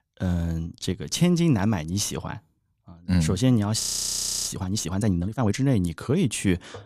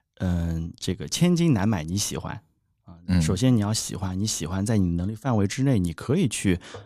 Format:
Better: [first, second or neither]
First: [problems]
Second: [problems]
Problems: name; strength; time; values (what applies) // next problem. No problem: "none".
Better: second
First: audio freezing; at 4 s for 0.5 s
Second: none